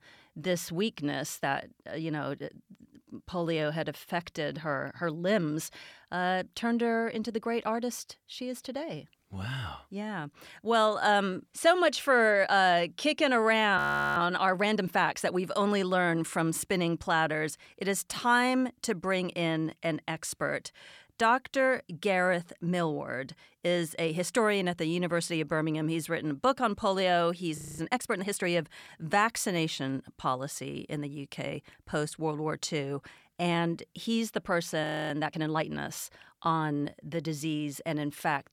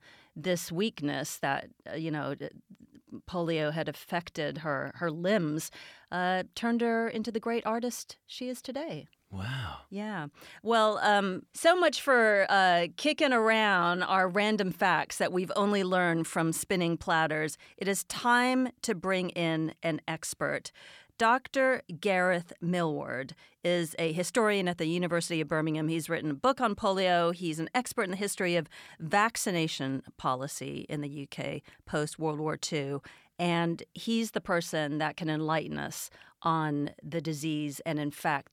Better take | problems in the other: second | audio freezing; at 14 s, at 28 s and at 35 s

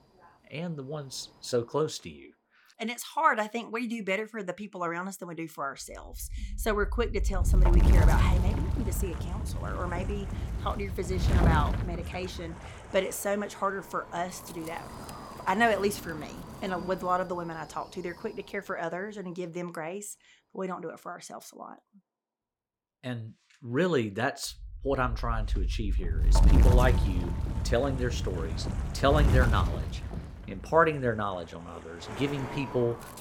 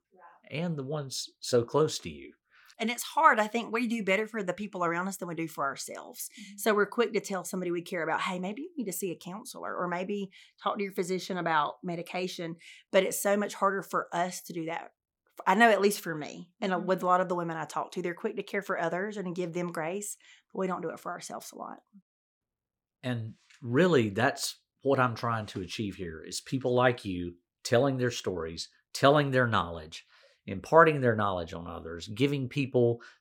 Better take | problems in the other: second | wind noise on the microphone; heavy; 9 dB below the speech

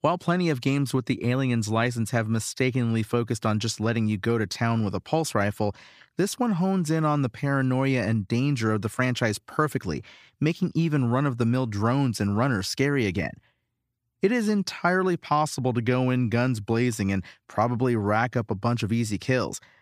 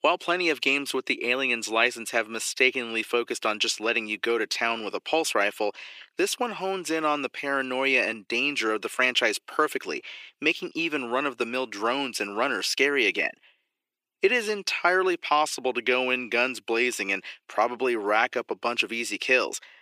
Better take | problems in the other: first | thin; very; fading below 350 Hz

